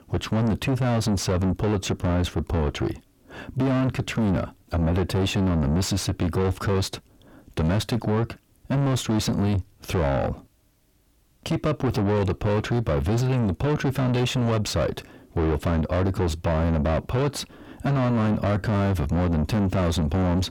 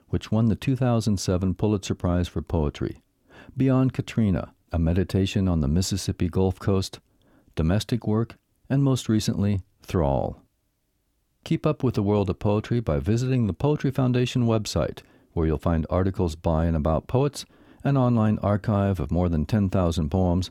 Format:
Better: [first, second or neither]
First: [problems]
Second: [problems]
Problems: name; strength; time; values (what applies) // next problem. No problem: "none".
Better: second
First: distortion; heavy; 7 dB below the speech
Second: none